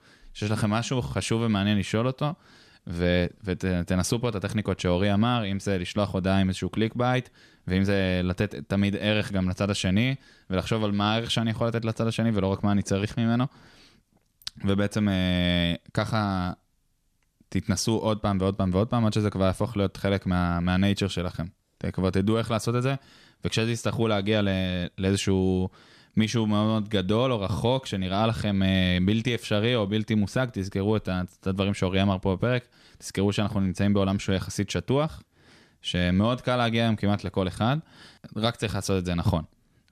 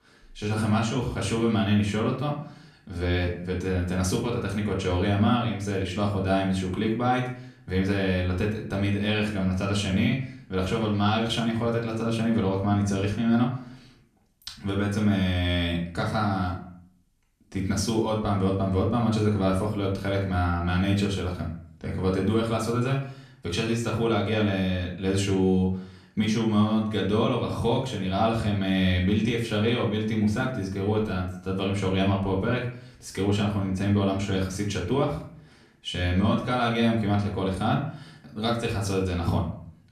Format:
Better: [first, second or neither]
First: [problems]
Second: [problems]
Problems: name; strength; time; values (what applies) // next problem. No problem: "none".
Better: first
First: none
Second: room echo; slight; dies away in 0.5 s // off-mic speech; far